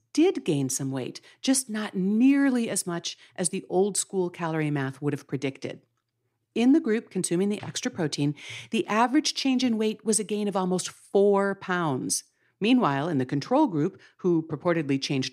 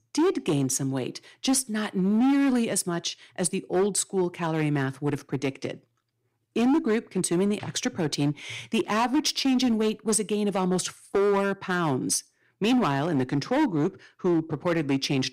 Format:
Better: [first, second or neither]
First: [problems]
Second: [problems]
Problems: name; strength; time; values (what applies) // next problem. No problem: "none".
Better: first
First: none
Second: distortion; slight; 10% of the sound clipped